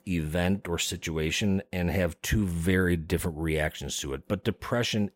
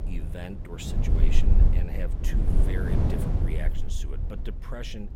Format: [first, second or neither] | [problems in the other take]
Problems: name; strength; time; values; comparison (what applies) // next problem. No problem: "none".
first | wind noise on the microphone; heavy; 1 dB above the speech